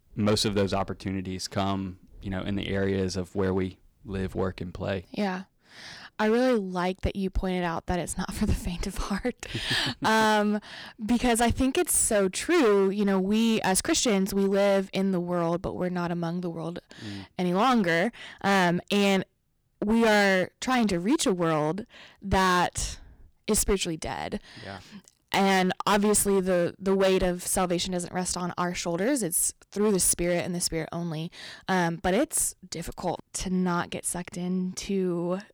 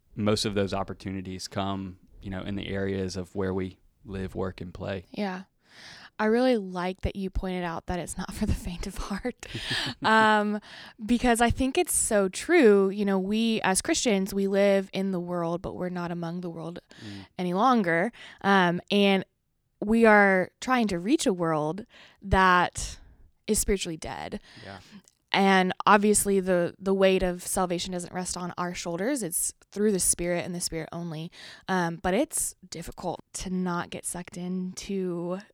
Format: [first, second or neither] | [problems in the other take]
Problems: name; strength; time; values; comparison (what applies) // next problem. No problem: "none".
second | distortion; heavy; 8% of the sound clipped